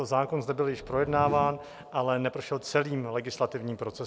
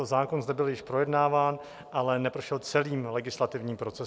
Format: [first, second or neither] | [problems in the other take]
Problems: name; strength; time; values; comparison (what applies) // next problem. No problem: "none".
second | background sound (Whoosh, swoosh, swish); 14 dB below the speech